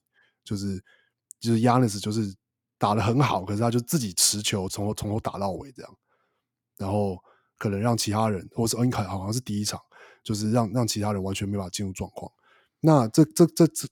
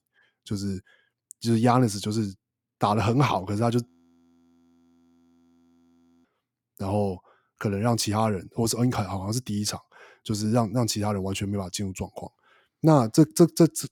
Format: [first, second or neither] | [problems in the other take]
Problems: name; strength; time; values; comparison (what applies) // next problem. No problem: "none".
first | audio freezing; at 4 s for 2.5 s